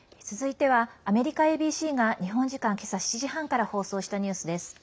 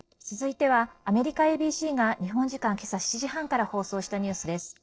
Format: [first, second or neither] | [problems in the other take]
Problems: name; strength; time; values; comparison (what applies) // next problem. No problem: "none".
first | noise reduction (neural separator model SepFormer DNS4)